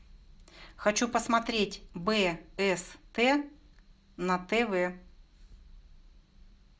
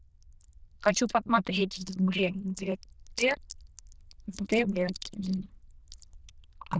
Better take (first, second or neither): first